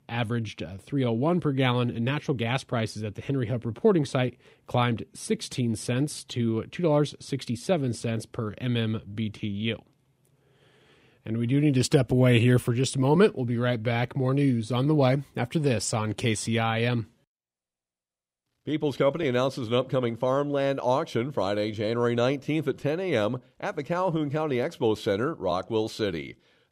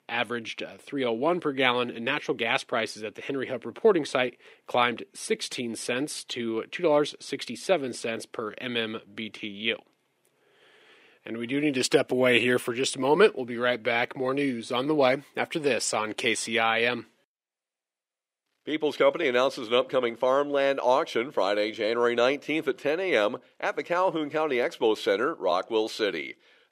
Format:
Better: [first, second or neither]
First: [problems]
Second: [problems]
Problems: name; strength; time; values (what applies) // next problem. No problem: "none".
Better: first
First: none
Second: thin; somewhat; fading below 400 Hz